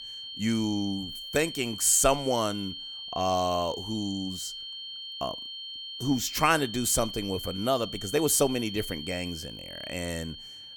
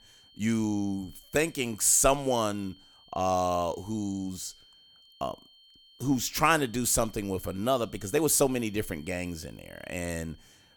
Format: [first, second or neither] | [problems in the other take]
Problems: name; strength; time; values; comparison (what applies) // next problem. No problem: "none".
second | high-pitched whine; loud; throughout; 3 kHz, 9 dB below the speech; faint in the second